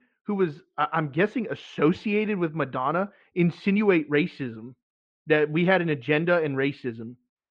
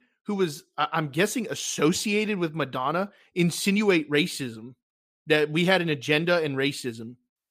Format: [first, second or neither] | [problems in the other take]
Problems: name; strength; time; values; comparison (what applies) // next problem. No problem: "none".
second | muffled; very; fading above 2.5 kHz